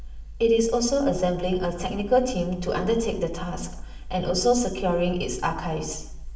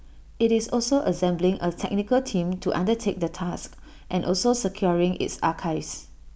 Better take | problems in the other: second | room echo; dies away in 0.8 s

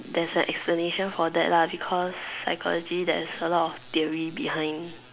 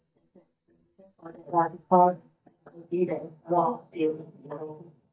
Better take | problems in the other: first | noise reduction (neural mask model DeepFilterNet 3)

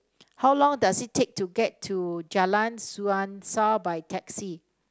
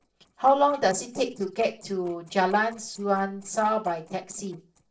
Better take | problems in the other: first | noise reduction (neural separator model SepFormer DNS4)

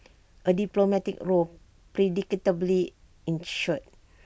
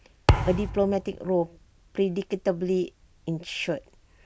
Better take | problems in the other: first | background sound (Thump, thud); 1 dB above the speech

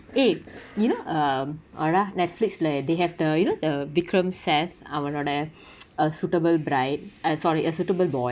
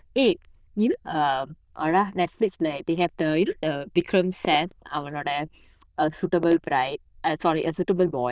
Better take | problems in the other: first | noise reduction (neural diffusion model UNIVERSE++)

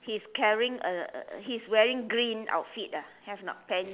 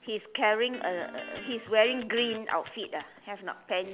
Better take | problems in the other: first | background sound (Electric guitar); 15 dB below the speech

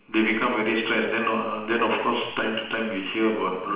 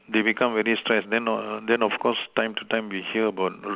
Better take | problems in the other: second | room echo; dies away in 0.7 s

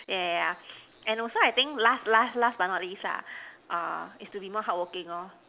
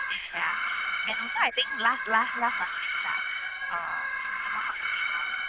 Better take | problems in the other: first | noise reduction (neural diffusion model UNIVERSE++)

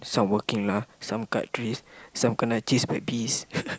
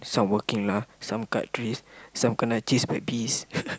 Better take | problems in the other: second | noise reduction (neural mask model Resemble Enhance denoiser)

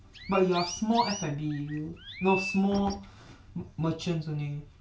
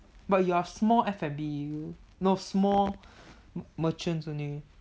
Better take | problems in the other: second | background sound (Chirp, tweet); 11 dB below the speech // room echo; dies away in 0.2 s

